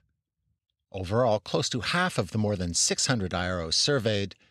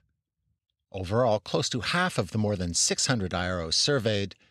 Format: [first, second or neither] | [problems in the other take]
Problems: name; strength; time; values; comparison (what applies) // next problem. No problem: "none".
neither | none